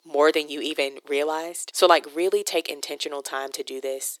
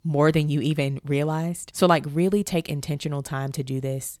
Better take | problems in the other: second | thin; very; fading below 350 Hz

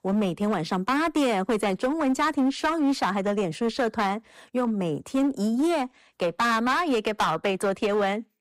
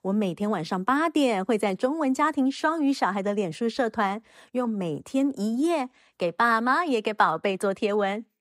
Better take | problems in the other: second | distortion; slight; 14% of the sound clipped

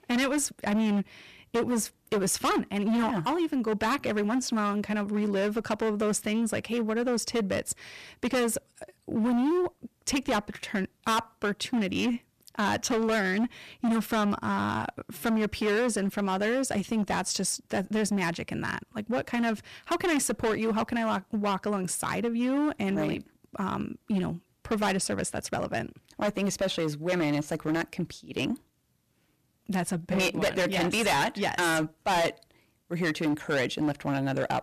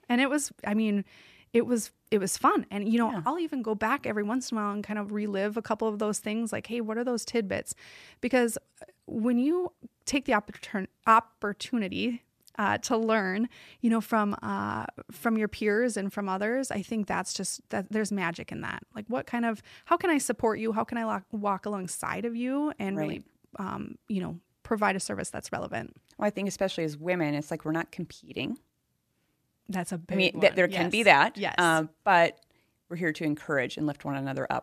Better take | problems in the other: second | distortion; heavy; 15% of the sound clipped

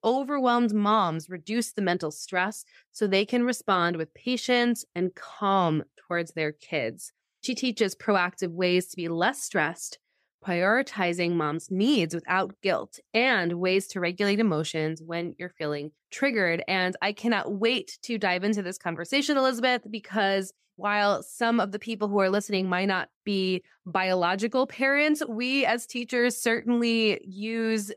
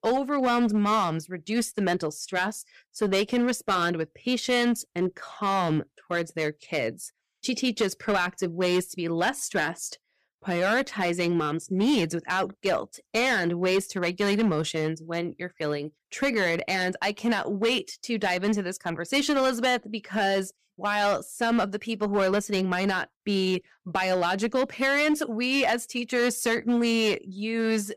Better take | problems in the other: first | distortion; slight; 6% of the sound clipped

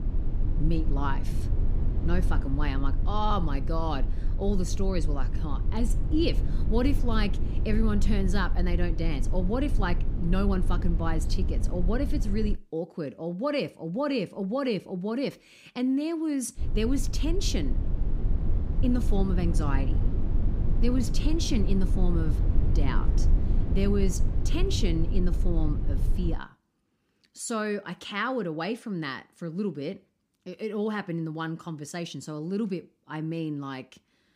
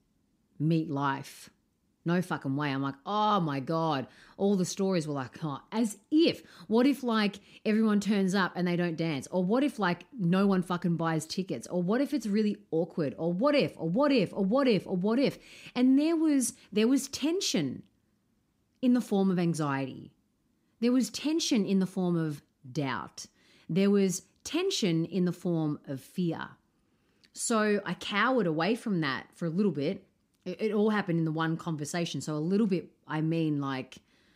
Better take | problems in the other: second | low rumble; noticeable; until 13 s and from 17 to 26 s; 10 dB below the speech

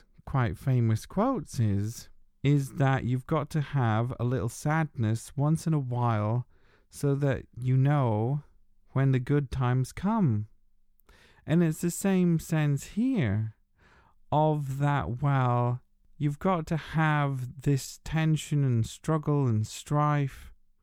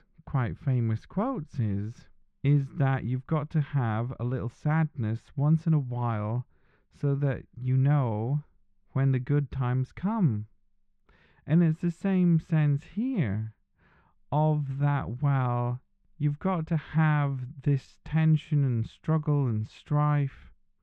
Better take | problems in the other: first | muffled; slightly; fading above 2.5 kHz

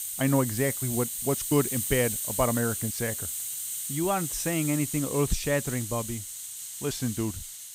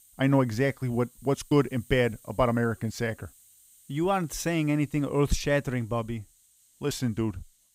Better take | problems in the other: second | hiss; loud; throughout; 3 dB below the speech; faint in the second

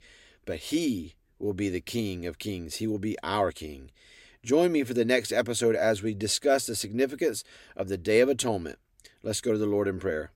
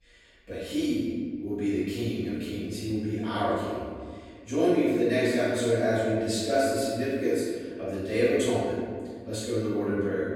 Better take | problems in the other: first | room echo; strong; dies away in 1.9 s // off-mic speech; far

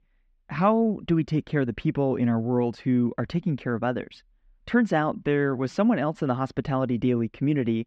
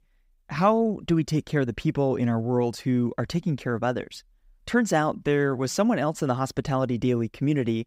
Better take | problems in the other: second | muffled; slightly; fading above 2.5 kHz

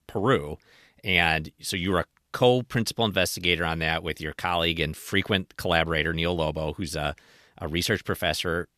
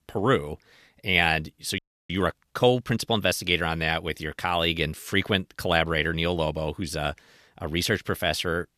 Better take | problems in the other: first | audio freezing; at 2 s

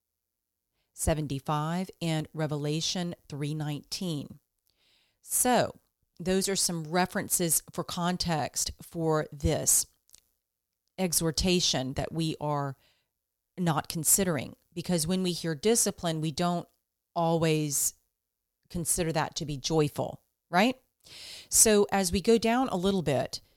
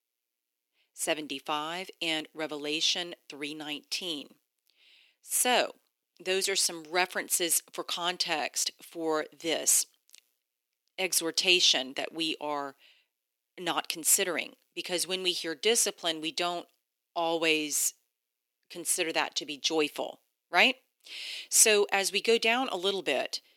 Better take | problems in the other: first | thin; somewhat; fading below 300 Hz

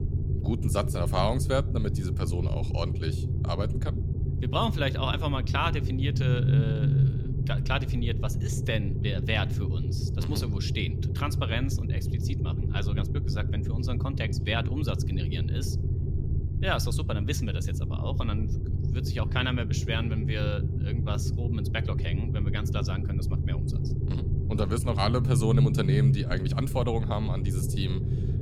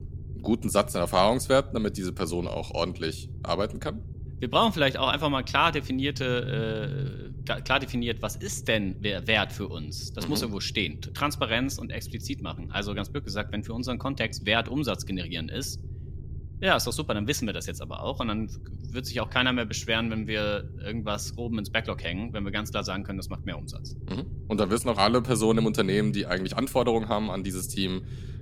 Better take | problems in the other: second | low rumble; loud; throughout; 7 dB below the speech; faint in the second

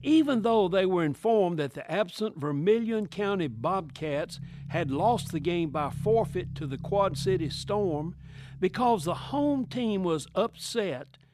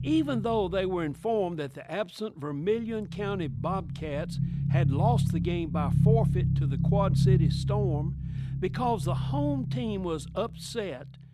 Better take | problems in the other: first | low rumble; loud; throughout; 7 dB below the speech; faint in the first

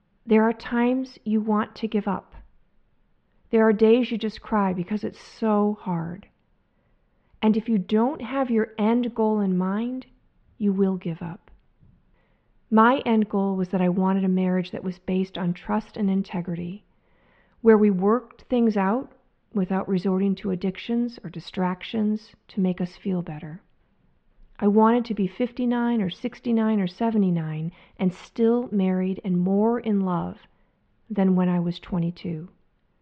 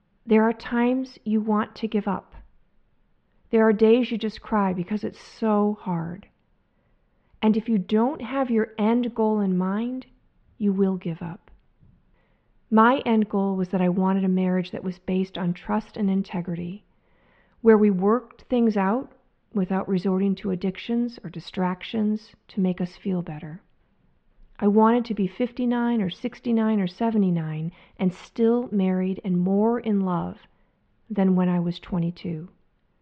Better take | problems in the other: neither | muffled; very; fading above 3.5 kHz; the same in both

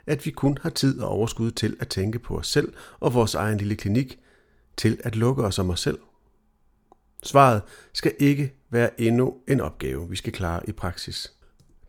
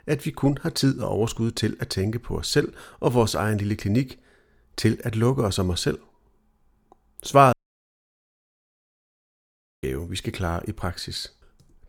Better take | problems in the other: first | audio cutting out; at 7.5 s for 2.5 s

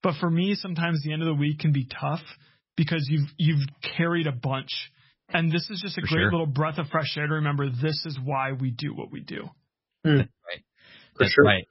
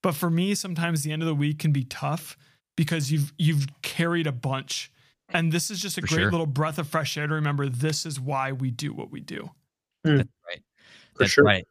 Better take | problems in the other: second | garbled, watery; badly; nothing above 5.5 kHz

